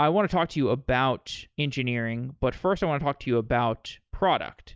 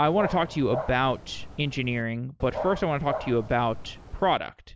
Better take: first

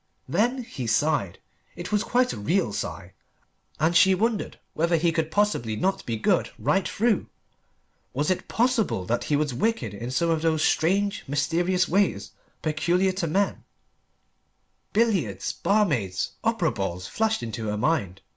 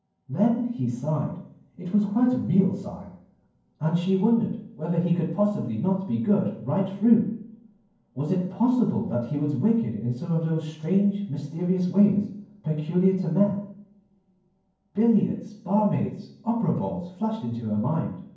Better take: first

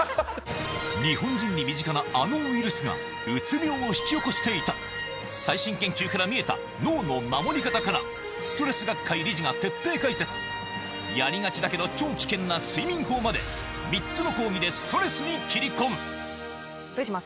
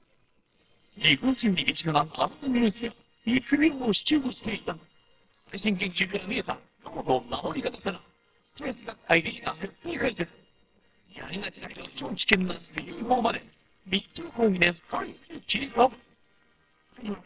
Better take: first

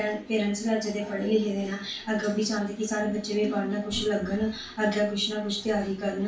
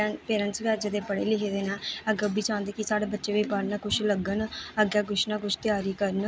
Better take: second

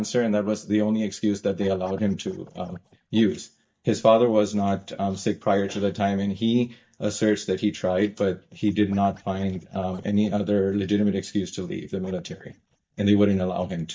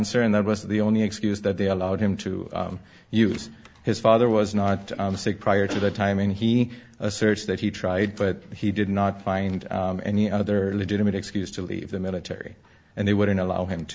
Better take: second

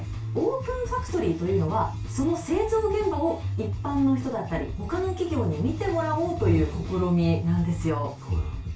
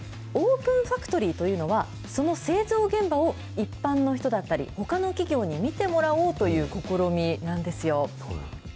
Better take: second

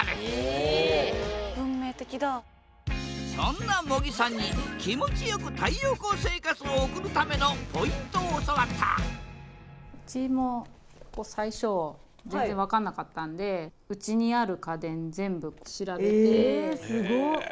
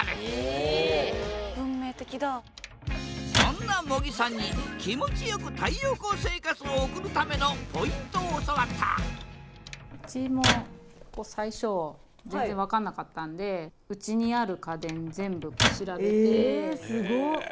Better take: first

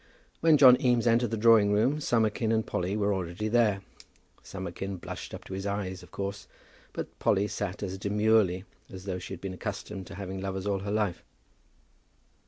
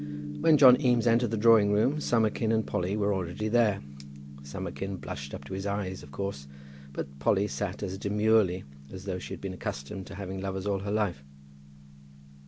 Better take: first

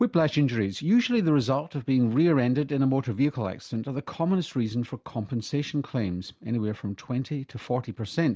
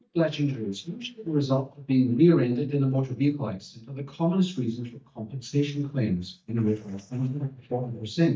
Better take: first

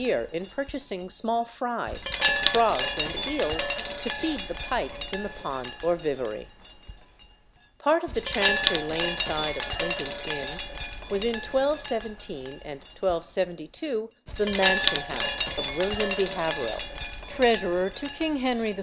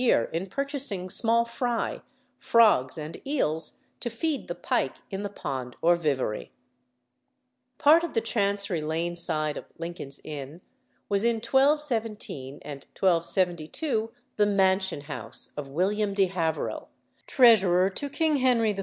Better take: second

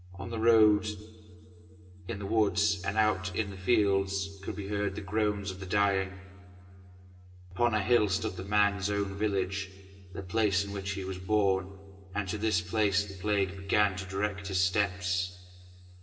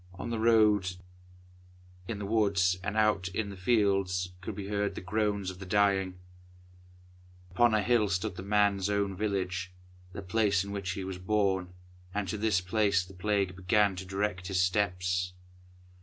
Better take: second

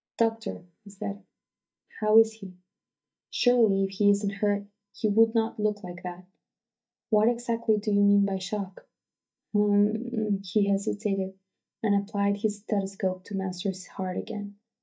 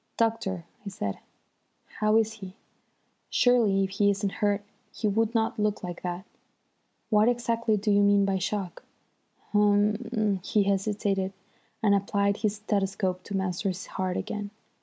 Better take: second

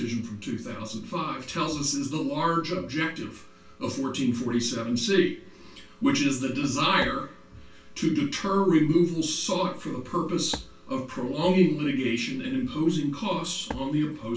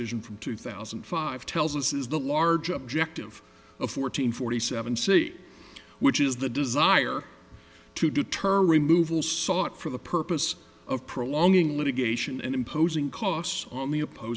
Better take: second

